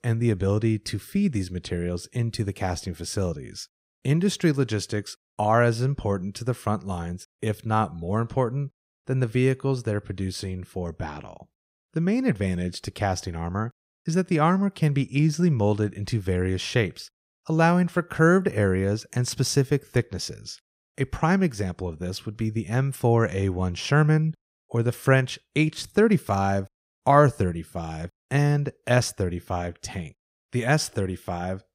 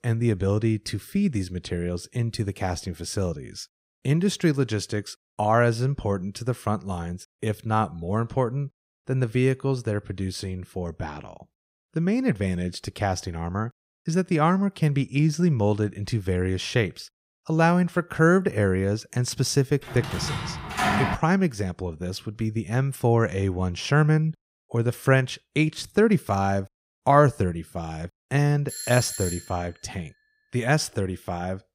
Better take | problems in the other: first | door banging; loud; from 20 to 21 s; peak 2 dB above the speech // doorbell; noticeable; at 29 s; peak 5 dB below the speech

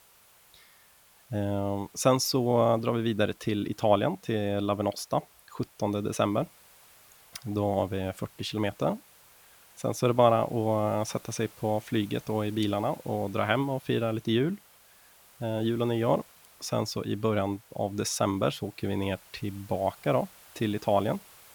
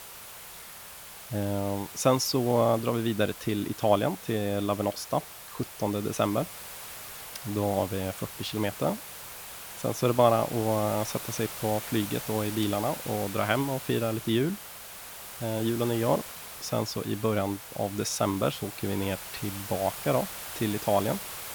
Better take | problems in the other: first | hiss; loud; throughout; 10 dB below the speech; faint in the first

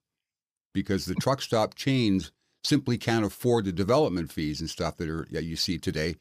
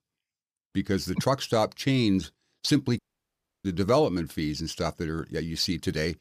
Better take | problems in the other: first | audio cutting out; at 3 s for 0.5 s

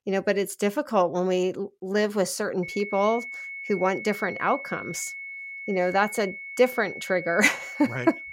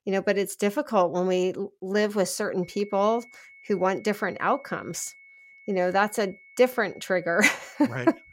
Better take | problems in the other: second | high-pitched whine; loud; from 2.5 s on; 2 kHz, 10 dB below the speech; faint in the second

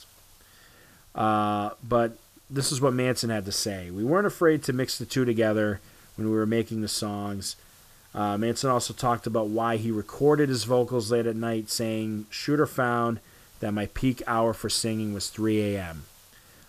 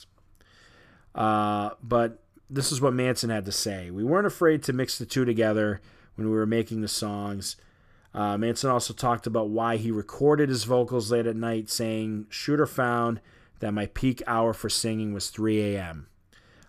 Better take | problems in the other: second | hiss; faint; throughout; 25 dB below the speech

